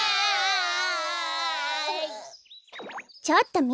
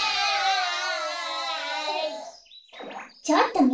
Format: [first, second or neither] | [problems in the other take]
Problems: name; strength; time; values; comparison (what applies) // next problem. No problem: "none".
first | room echo; dies away in 0.3 s